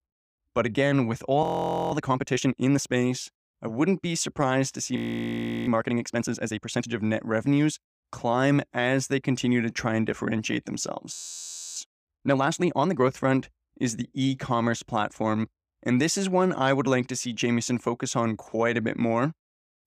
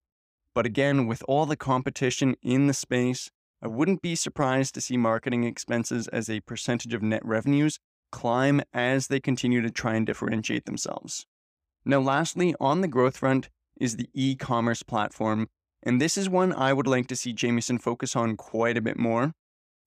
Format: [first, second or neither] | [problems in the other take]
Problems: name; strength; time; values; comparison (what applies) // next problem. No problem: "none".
second | audio freezing; at 1.5 s, at 5 s for 0.5 s and at 11 s for 0.5 s